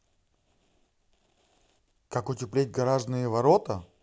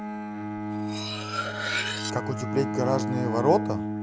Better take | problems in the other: first | background sound (Cutlery, silverware + Bowed string instrument); as loud as the speech

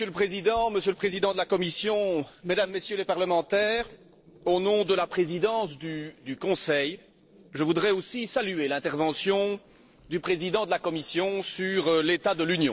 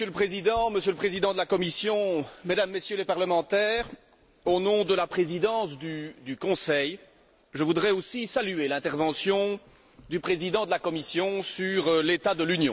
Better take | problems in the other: second | noise reduction (neural separator model SepFormer DNS4)

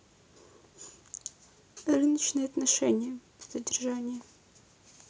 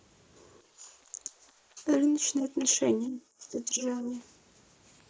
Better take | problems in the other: first | noise reduction (neural mask model Resemble Enhance denoiser)

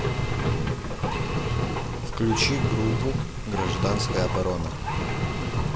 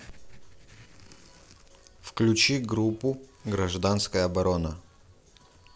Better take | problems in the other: second | background sound (Engine); 4 dB above the speech

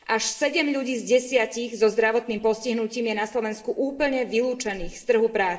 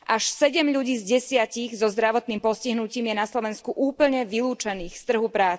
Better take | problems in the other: second | room echo; dies away in 2.2 s

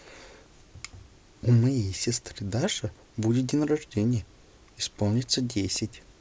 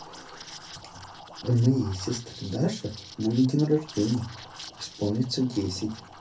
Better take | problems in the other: first | background sound (Liquid); 17 dB below the speech // room echo; dies away in 0.3 s

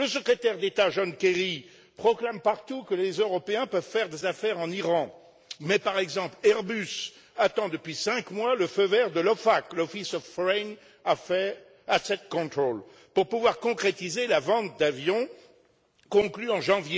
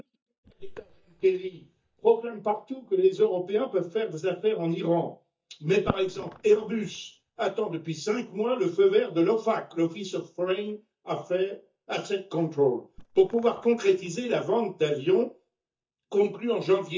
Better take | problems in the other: first | noise reduction (neural mask model DeepFilterNet 3)

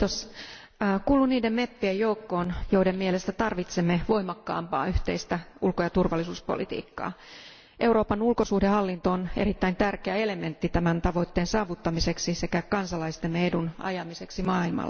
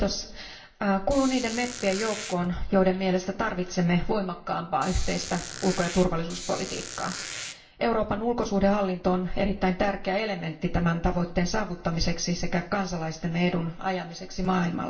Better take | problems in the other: first | background sound (Squeak); 11 dB below the speech // room echo; dies away in 0.4 s

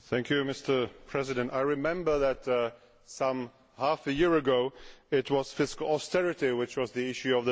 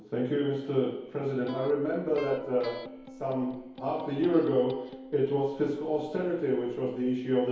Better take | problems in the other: first | background sound (Electric guitar); 15 dB below the speech // room echo; dies away in 2.2 s

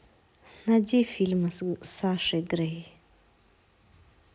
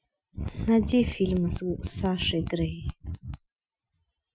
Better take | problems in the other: first | noise reduction (classical method Wiener filter)

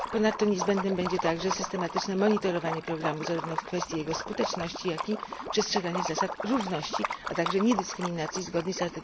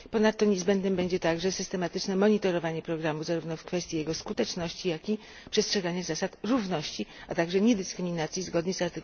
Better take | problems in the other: second | background sound (Liquid); 5 dB below the speech

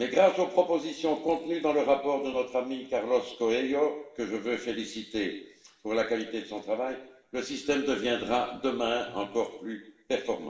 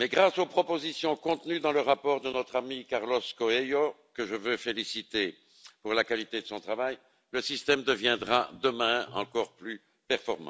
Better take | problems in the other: second | room echo; dies away in 0.7 s

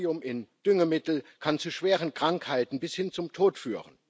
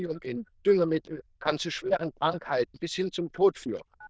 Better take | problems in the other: first | noise reduction (neural diffusion model UNIVERSE++)

